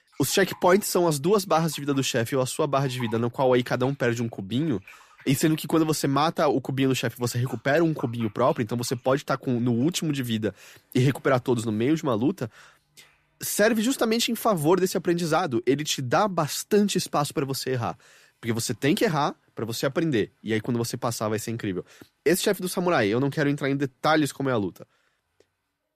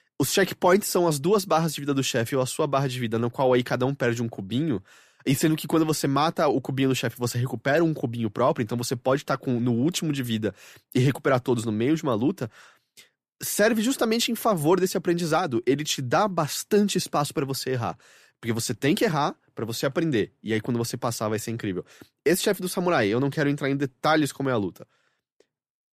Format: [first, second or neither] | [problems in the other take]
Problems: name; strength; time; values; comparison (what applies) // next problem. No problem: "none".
second | household noises; faint; throughout; 25 dB below the speech